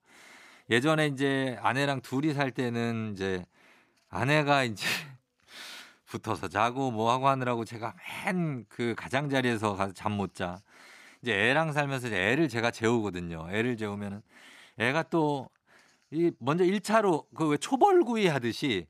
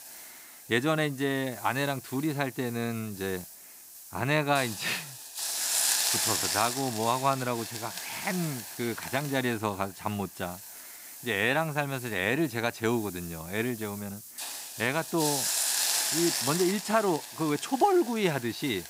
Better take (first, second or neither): first